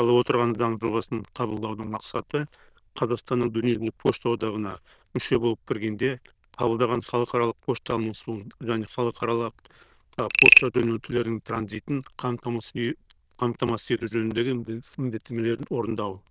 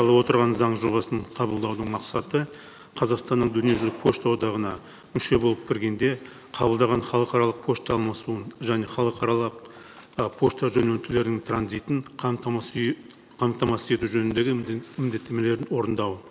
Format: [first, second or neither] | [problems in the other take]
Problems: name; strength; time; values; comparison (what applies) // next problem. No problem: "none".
second | noise reduction (neural diffusion model UNIVERSE++)